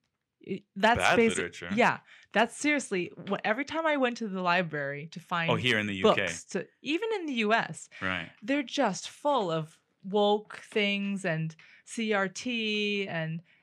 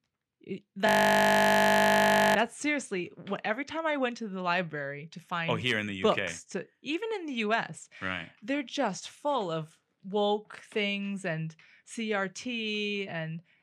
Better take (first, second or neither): first